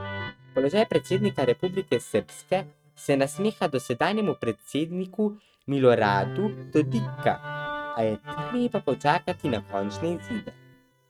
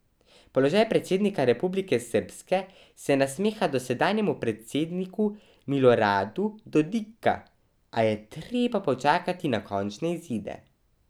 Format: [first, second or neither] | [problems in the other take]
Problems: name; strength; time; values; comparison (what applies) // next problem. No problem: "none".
second | noise reduction (neural mask model RNNoise)